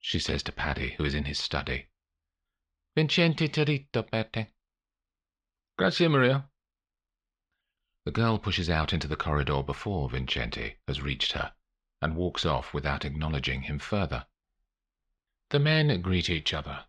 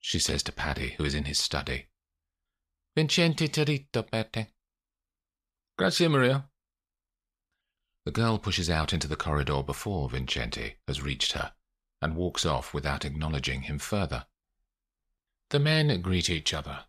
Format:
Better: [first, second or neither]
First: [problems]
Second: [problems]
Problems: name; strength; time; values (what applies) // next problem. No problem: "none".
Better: second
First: muffled; very slightly; fading above 3 kHz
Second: none